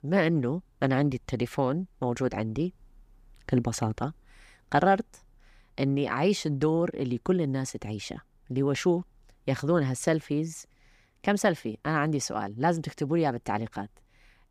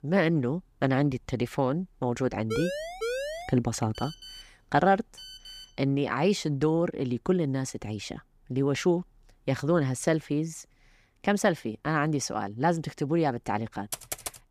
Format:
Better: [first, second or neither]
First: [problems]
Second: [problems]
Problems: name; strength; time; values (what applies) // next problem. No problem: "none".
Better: first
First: none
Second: siren; noticeable; from 2.5 to 3.5 s; peak 4 dB below the speech // phone ringing; faint; from 4 to 5.5 s; peak 15 dB below the speech // keyboard typing; noticeable; at 14 s; peak 6 dB below the speech